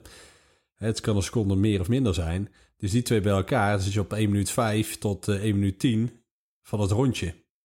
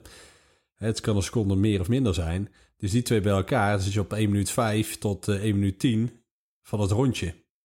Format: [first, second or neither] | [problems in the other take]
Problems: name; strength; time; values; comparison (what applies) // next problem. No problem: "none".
neither | none